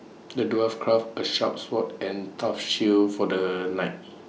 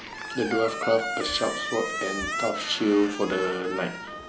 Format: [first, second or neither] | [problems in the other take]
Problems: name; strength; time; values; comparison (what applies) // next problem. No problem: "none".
first | background sound (Squeak); 6 dB below the speech